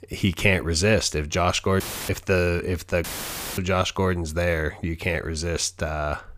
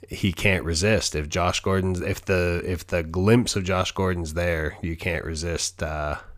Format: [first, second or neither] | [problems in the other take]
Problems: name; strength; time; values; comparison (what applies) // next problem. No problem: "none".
second | audio cutting out; filled with static; at 2 s and at 3 s for 0.5 s